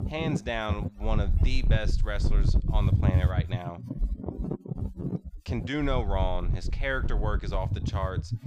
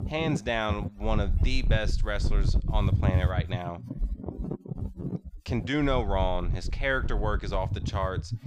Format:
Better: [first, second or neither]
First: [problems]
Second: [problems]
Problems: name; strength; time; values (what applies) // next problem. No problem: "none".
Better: second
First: wind noise on the microphone; heavy; 9 dB below the speech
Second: wind noise on the microphone; occasional gusts; 15 dB below the speech